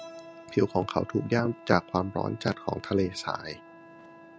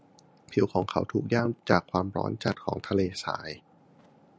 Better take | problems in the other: second | background sound (Keyboard (musical) + Wind instrument, woodwind instrument); 19 dB below the speech

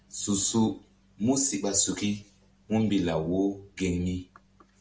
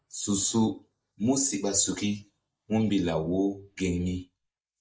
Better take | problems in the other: first | noise reduction (neural mask model Resemble Enhance denoiser)

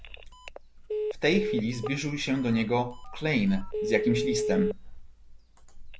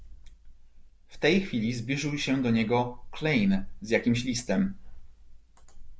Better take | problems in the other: second | background sound (Telephone); 5 dB below the speech

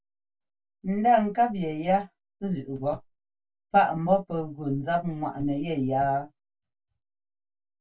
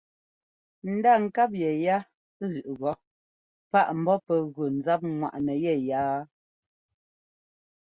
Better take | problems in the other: second | room echo; dies away in 0.1 s

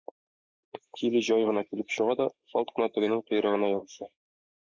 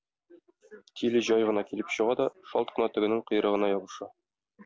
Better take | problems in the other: second | noise reduction (neural mask model Resemble Enhance denoiser)

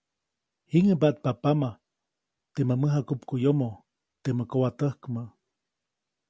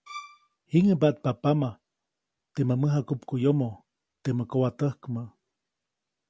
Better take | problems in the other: first | background sound (Bowed string instrument); 16 dB below the speech

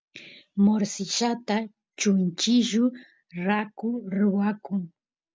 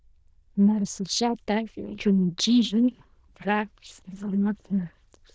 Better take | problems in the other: first | noise reduction (neural diffusion model UNIVERSE++)

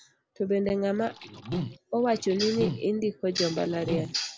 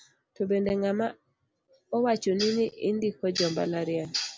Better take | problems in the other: second | background sound (Liquid); 7 dB below the speech

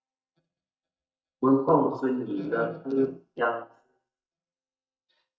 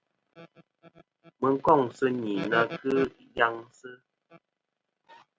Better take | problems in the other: second | noise reduction (neural mask model DeepFilterNet 3)

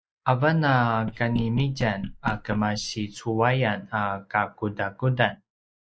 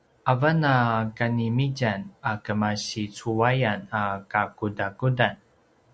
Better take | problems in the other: second | noise reduction (neural mask model Resemble Enhance denoiser)

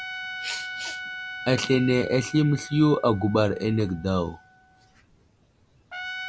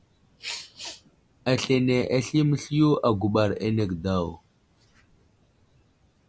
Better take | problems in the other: second | background sound (Trumpet); 12 dB below the speech

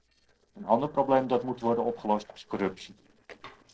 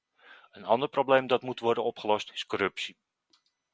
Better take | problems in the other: second | noise reduction (neural separator model SepFormer DNS4)

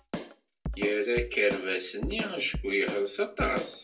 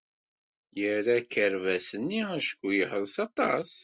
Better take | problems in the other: second | background sound (Drum kit); 7 dB below the speech // room echo; dies away in 0.2 s

